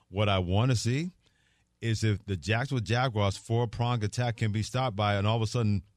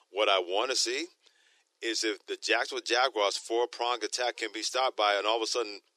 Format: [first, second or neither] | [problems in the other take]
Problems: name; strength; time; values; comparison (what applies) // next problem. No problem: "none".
first | thin; very; fading below 350 Hz